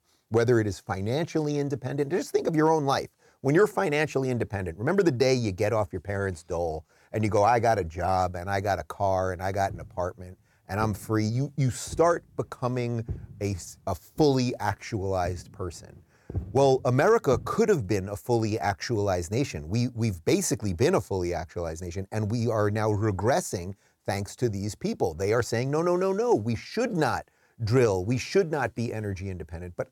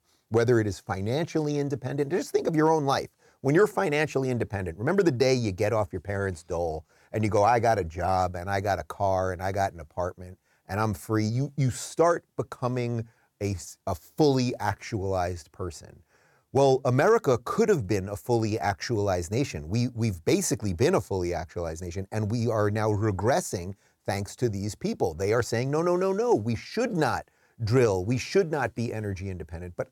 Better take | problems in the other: second | footsteps; noticeable; from 9.5 to 18 s; peak 10 dB below the speech

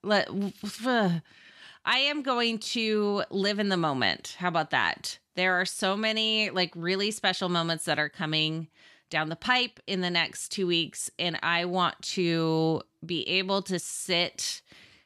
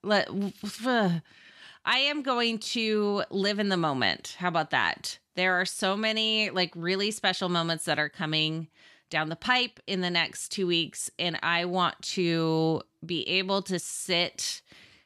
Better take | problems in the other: neither | none

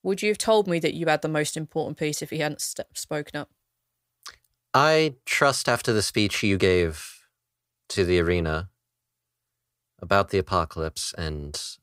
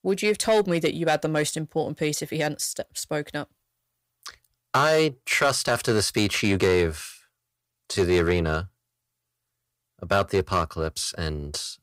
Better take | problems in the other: first | distortion; slight; 2% of the sound clipped

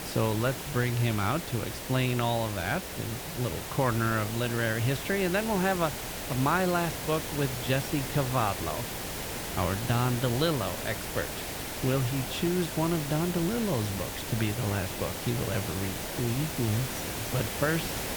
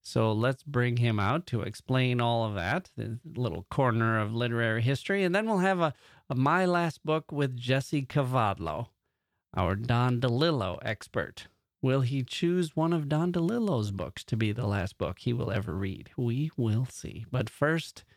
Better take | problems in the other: second | hiss; loud; throughout; 5 dB below the speech

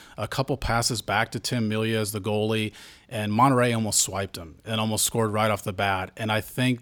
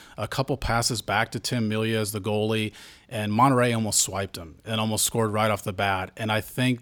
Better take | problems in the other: neither | none

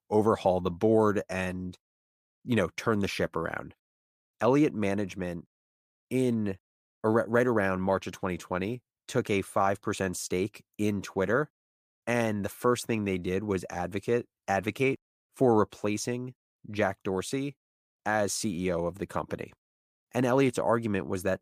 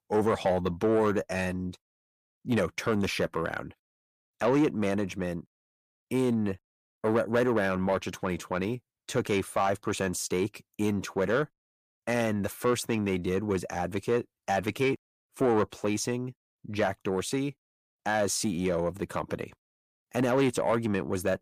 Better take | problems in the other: first | distortion; slight; 10 dB below the speech

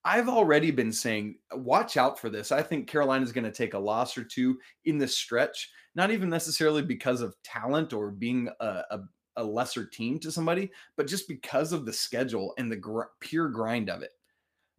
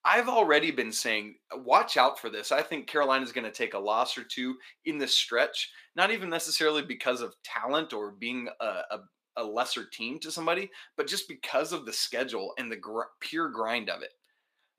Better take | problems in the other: first | thin; somewhat; fading below 350 Hz

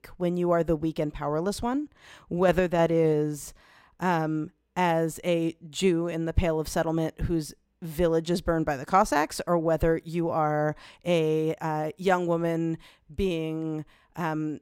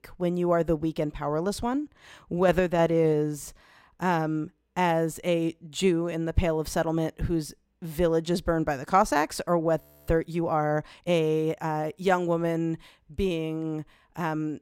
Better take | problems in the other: first | audio freezing; at 10 s

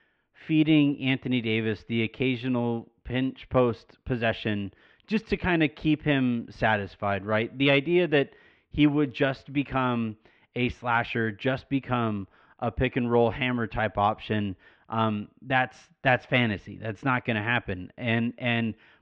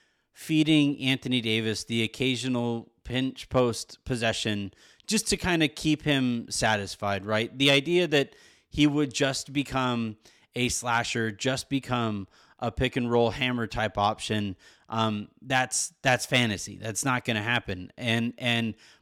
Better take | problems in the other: second | muffled; very; fading above 2.5 kHz

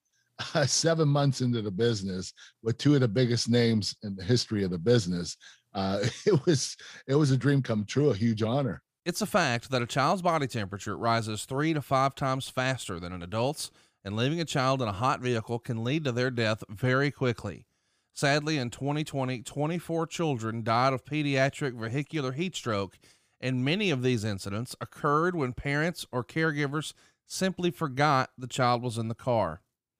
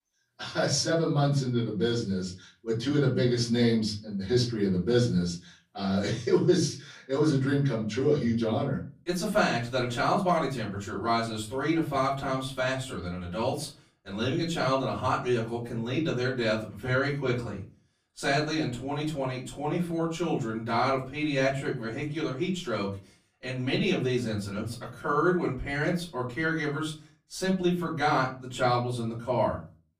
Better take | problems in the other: first | off-mic speech; far // room echo; slight; dies away in 0.3 s

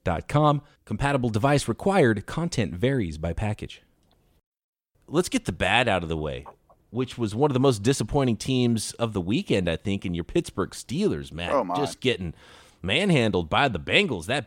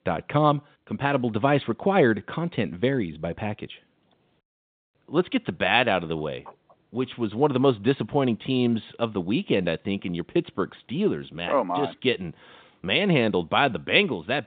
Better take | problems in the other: first | phone-call audio; nothing above 3.5 kHz

